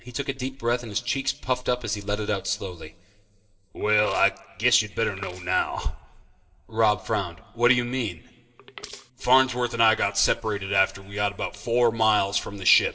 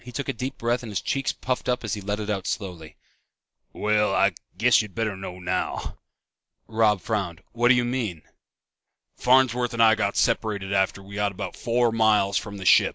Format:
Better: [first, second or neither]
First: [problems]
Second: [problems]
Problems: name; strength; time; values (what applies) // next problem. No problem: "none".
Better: second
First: noise reduction (neural separator model SepFormer DNS4)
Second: none